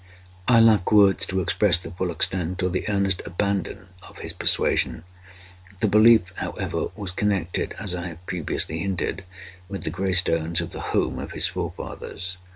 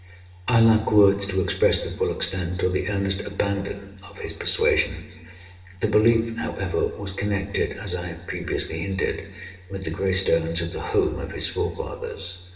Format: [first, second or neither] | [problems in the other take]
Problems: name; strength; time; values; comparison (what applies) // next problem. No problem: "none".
first | room echo; dies away in 1.1 s